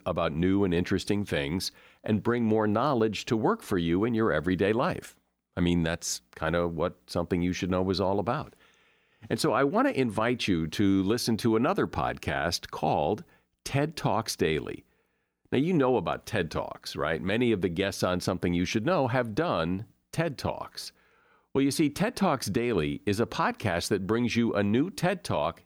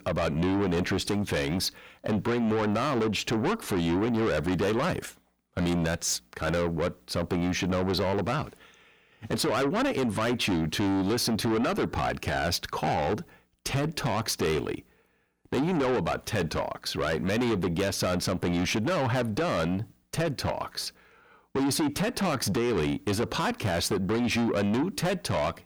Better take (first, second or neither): first